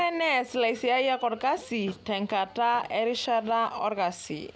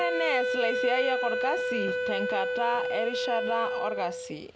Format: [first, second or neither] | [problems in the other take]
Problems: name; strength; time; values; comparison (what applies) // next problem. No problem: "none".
first | background sound (Wind instrument, woodwind instrument); 1 dB above the speech